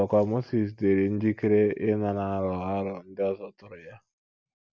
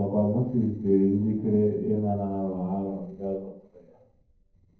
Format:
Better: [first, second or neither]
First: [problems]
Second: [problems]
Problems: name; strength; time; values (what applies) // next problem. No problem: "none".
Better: first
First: none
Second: noise reduction (neural separator model SepFormer DNS4)